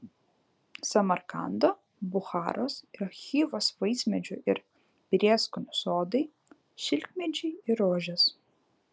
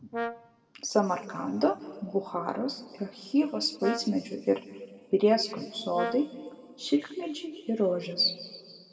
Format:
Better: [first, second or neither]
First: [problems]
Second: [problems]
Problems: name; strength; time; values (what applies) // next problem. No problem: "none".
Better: first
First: none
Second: background sound (Brass instrument); 11 dB below the speech // room echo; dies away in 1.8 s